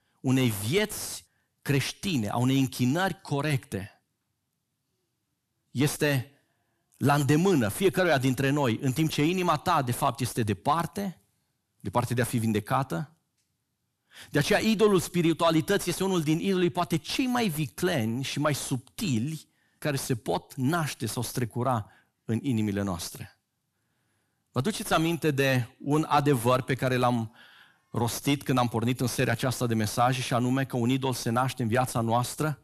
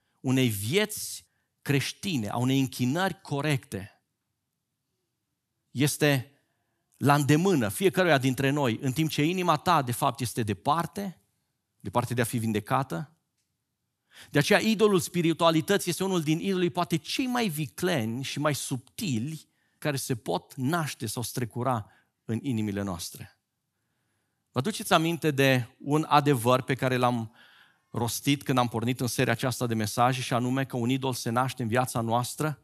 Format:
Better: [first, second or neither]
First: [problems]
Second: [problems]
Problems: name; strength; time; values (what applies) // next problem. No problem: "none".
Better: second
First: distortion; slight; 10 dB below the speech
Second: none